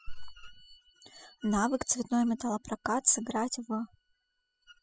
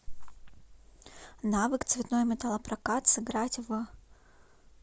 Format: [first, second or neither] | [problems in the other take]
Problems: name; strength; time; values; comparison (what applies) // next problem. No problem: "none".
second | noise reduction (classical method spectral subtraction)